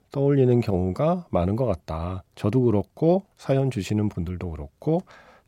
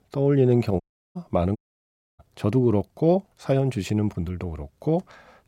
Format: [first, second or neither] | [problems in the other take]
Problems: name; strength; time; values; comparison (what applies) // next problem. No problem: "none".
first | audio cutting out; at 1 s and at 1.5 s for 0.5 s